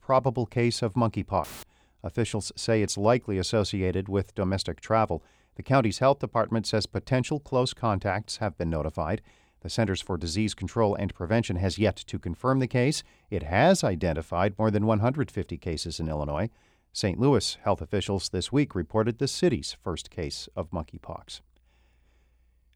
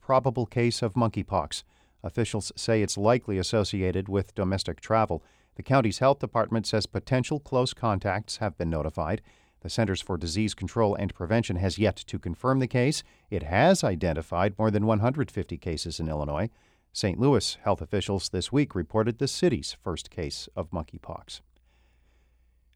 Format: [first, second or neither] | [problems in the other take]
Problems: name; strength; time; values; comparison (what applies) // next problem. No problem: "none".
second | audio cutting out; filled with static; at 1.5 s